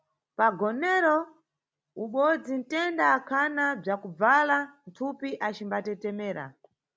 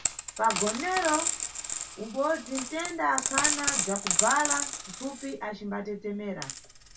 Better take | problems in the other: first | background sound (Coin (dropping)); as loud as the speech // room echo; dies away in 0.2 s

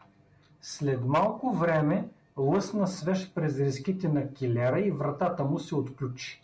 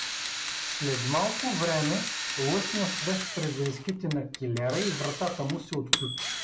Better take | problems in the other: first | background sound (Drill + Clock); 3 dB below the speech

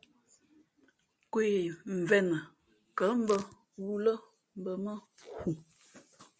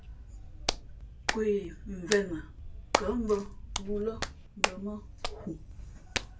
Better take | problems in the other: first | background sound (Hands); 1 dB below the speech // room echo; dies away in 0.2 s

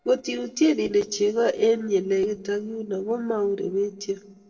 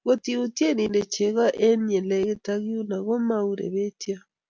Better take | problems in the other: second | noise reduction (neural separator model SepFormer DNS4)

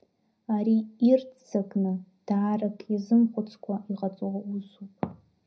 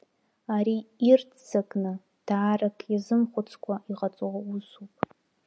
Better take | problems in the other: second | room echo; dies away in 0.4 s

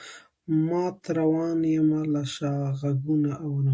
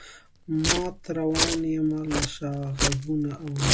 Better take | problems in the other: first | background sound (Domestic sounds, home sounds); 1 dB below the speech

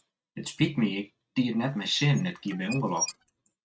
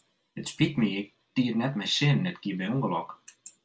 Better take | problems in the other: second | noise reduction (neural mask model RNNoise)

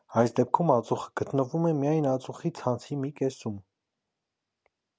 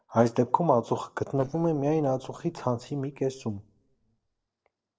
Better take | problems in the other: first | noise reduction (neural separator model SepFormer DNS4)

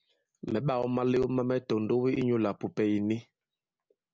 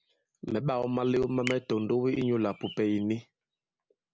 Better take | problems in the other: first | background sound (Finger snapping + Bird); 16 dB below the speech

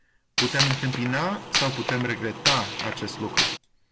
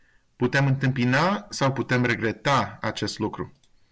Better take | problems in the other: second | background sound (Gunshot, gunfire); 1 dB above the speech

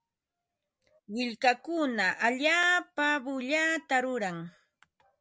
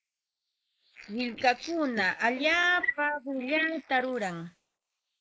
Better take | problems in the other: first | noise reduction (neural mask model Resemble Enhance denoiser)

